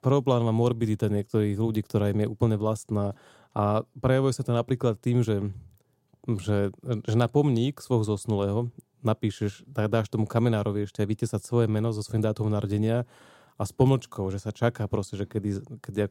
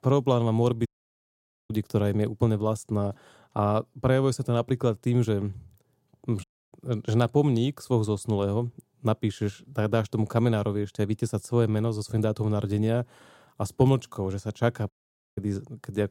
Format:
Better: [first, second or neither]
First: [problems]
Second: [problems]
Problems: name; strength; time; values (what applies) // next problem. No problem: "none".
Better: first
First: none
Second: audio cutting out; at 1 s for 1 s, at 6.5 s and at 15 s